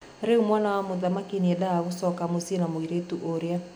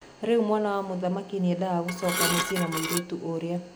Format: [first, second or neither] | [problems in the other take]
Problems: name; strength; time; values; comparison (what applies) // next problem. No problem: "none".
first | background sound (Dishes, pots, and pans / Glass); 2 dB below the speech